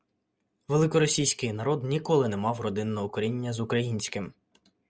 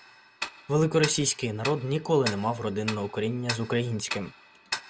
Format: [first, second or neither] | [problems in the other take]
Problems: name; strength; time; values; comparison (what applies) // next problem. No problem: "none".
first | background sound (Tick-tock); 10 dB below the speech